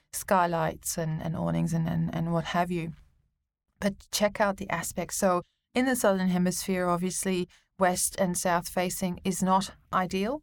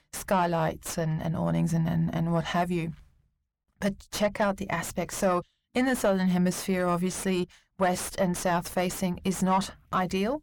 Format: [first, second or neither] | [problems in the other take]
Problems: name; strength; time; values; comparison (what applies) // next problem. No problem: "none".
first | distortion; slight; 10 dB below the speech